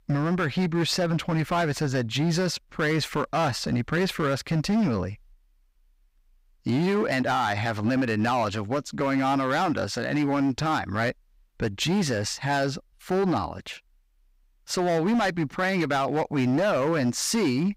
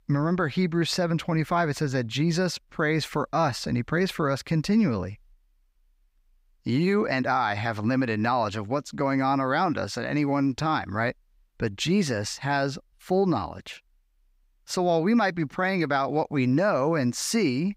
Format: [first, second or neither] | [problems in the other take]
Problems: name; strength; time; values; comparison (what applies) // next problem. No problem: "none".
second | distortion; slight; 13% of the sound clipped